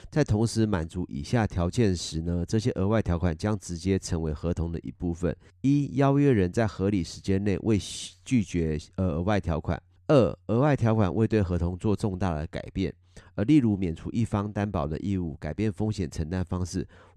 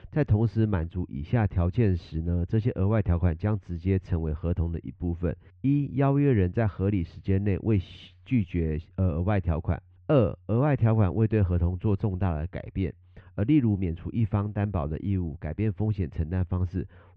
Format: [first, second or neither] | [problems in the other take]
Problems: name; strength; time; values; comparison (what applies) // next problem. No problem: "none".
first | muffled; very; fading above 2.5 kHz